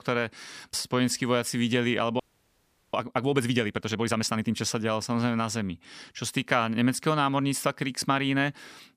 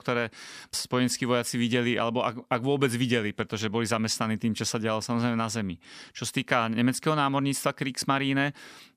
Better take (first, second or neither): second